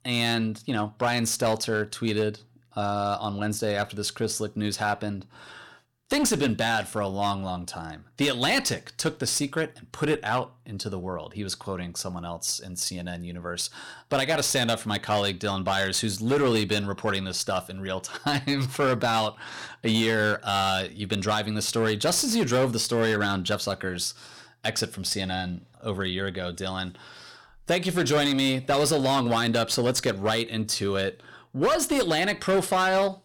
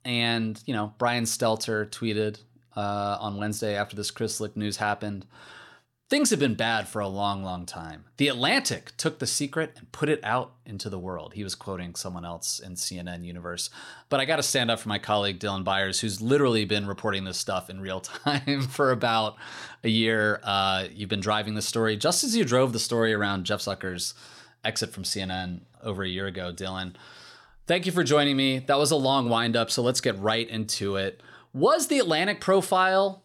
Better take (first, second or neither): second